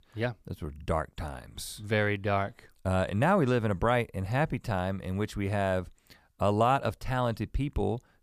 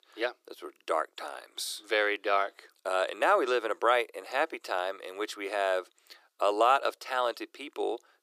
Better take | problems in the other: first | thin; very; fading below 350 Hz

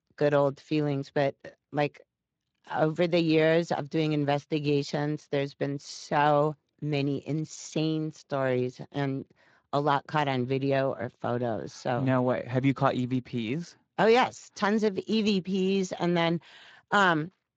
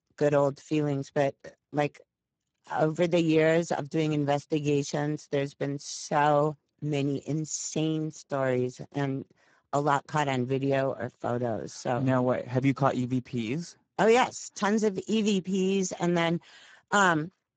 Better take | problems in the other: first | garbled, watery; badly; nothing above 7.5 kHz; slightly in the first

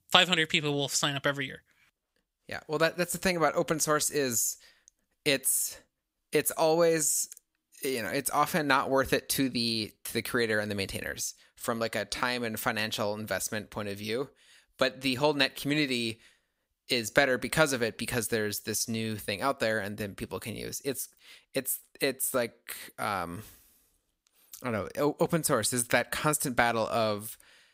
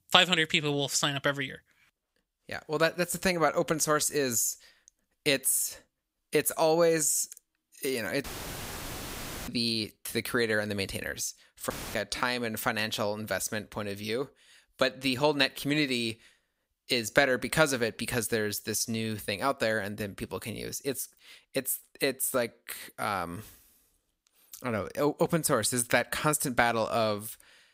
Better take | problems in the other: first | audio cutting out; filled with static; at 8 s for 1 s and at 12 s

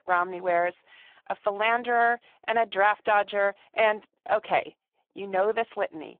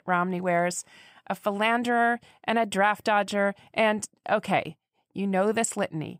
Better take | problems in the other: second | phone-call audio; poor line

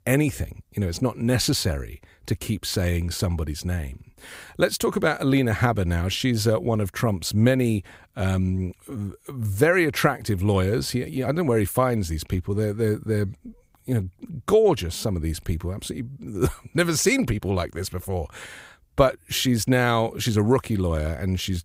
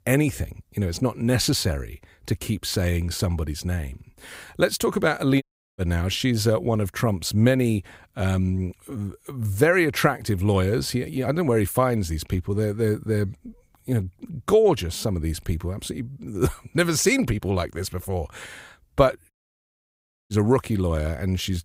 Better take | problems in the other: first | audio cutting out; at 5.5 s and at 19 s for 1 s

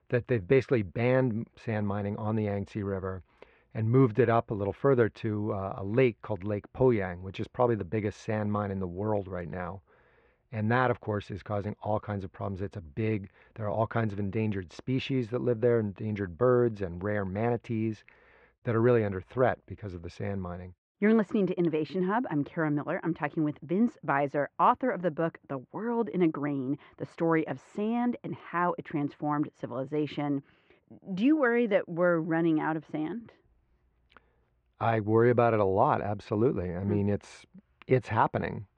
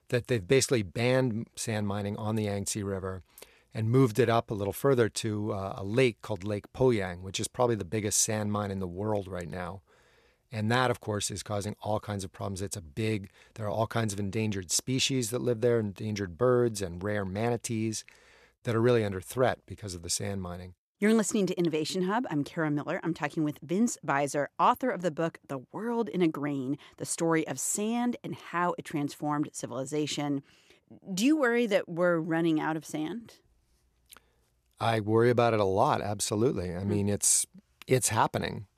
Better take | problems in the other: second | muffled; very; fading above 2.5 kHz

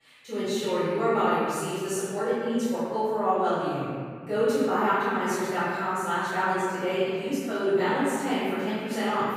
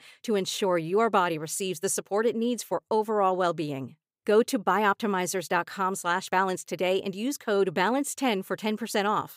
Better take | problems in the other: second | off-mic speech; far // room echo; strong; dies away in 2.3 s

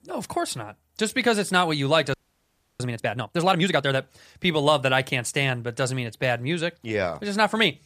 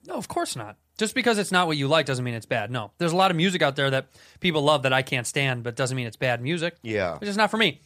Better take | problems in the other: second | audio freezing; at 2 s for 0.5 s

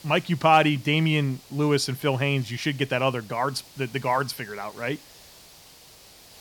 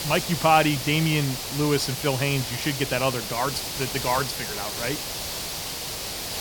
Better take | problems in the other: first | hiss; loud; throughout; 4 dB below the speech; faint in the first

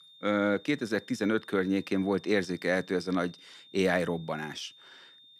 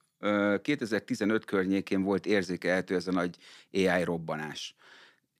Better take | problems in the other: second | high-pitched whine; faint; throughout; 3.5 kHz, 25 dB below the speech

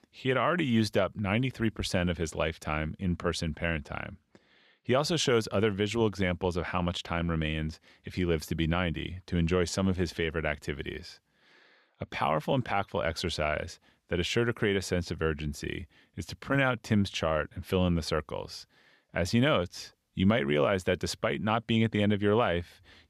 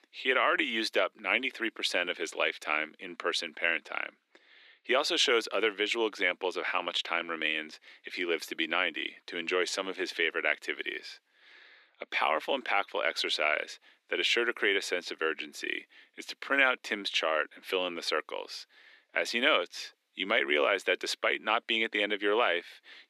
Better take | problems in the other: first | thin; very; fading below 300 Hz

